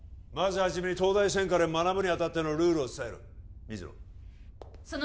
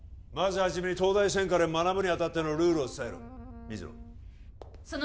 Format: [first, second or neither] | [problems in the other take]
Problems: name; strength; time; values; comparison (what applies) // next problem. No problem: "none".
first | background sound (Wind instrument, woodwind instrument); 18 dB below the speech